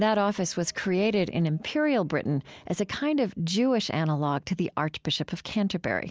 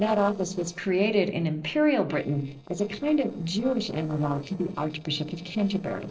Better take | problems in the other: first | noise reduction (neural separator model SepFormer DNS4)

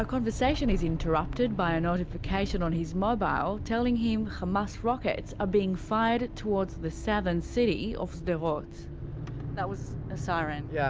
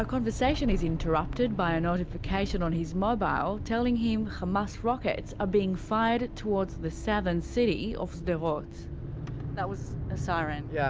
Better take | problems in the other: first | background sound (Thunder / Rain); 19 dB below the speech

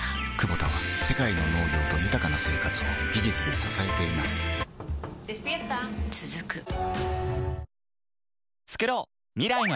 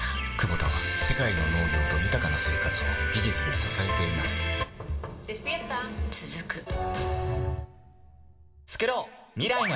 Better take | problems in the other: first | room echo; dies away in 1.7 s

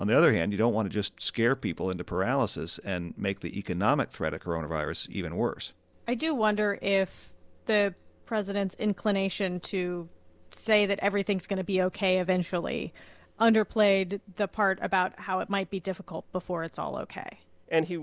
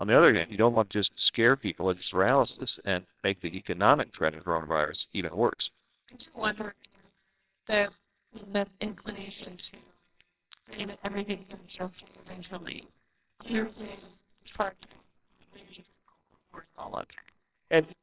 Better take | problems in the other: first | noise reduction (neural separator model SepFormer WHAMR!)

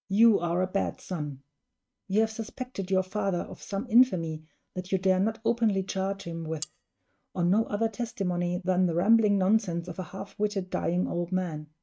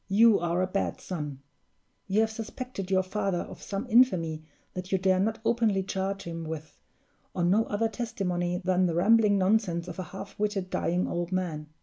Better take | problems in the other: second | noise reduction (neural mask model RNNoise)

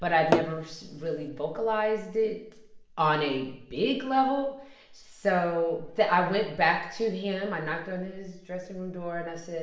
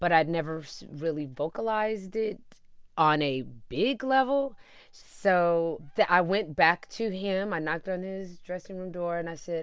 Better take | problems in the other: second | background sound (Tap / Hammer); 2 dB below the speech // room echo; dies away in 0.7 s

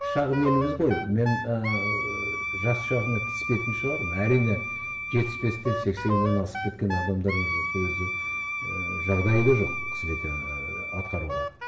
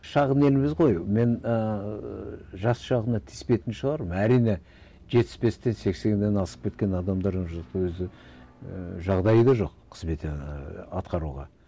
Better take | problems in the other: second | background sound (Wind instrument, woodwind instrument); 4 dB below the speech // room echo; dies away in 1 s

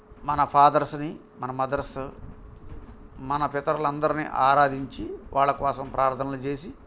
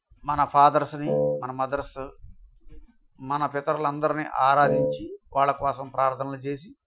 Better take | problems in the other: first | noise reduction (classical method Wiener filter)

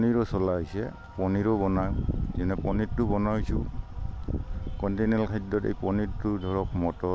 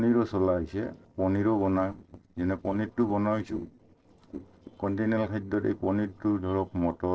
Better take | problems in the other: first | noise reduction (neural separator model SepFormer DNS4)

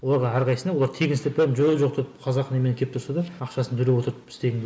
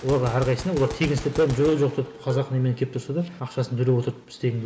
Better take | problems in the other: first | background sound (Gunshot, gunfire + Dishes, pots, and pans); 15 dB below the speech

